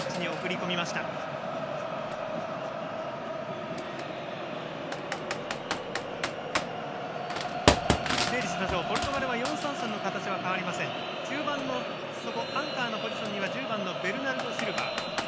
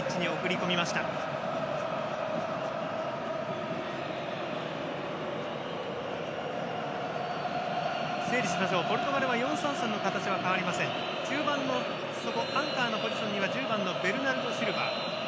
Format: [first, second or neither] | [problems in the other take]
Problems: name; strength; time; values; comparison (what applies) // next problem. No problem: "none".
second | background sound (Computer keyboard); 4 dB below the speech